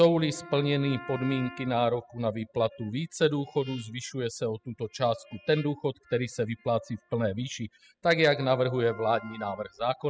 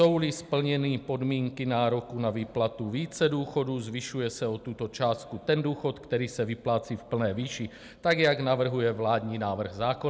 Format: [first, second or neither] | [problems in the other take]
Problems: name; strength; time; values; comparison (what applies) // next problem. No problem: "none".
second | noise reduction (classical method spectral subtraction)